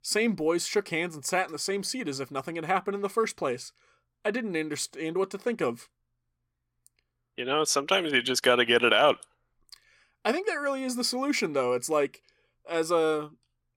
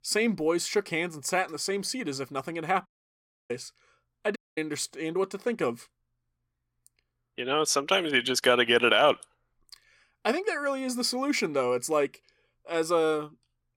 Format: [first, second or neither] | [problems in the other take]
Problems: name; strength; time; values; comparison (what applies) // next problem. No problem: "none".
first | audio cutting out; at 3 s for 0.5 s and at 4.5 s